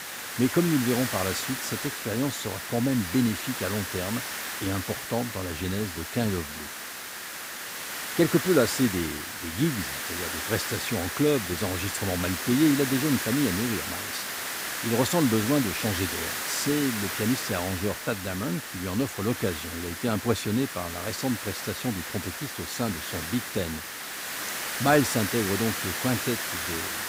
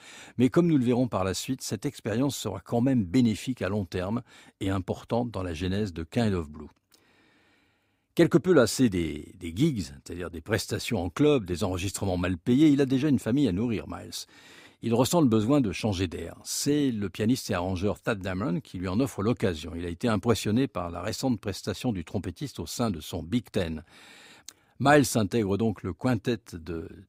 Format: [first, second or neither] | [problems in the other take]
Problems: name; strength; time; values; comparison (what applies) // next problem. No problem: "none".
second | hiss; loud; throughout; 3 dB below the speech